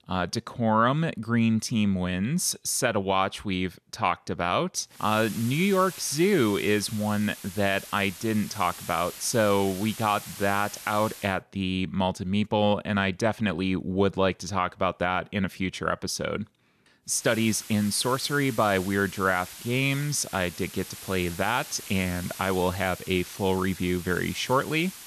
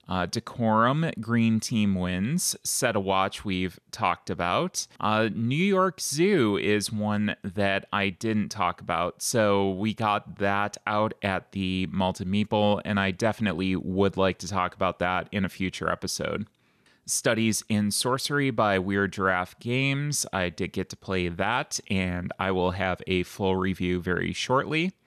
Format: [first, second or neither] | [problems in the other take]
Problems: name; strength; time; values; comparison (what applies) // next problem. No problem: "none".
second | hiss; noticeable; from 5 to 11 s and from 17 s on; 15 dB below the speech